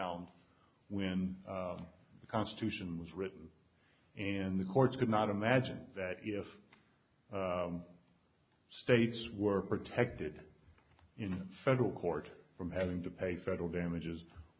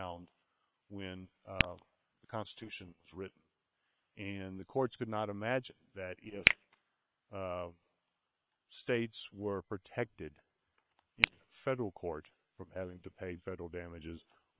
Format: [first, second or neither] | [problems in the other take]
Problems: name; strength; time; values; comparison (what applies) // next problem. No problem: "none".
first | noise reduction (neural separator model SepFormer WHAM!)